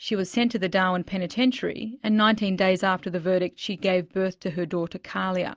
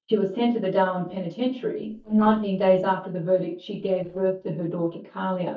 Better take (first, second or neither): first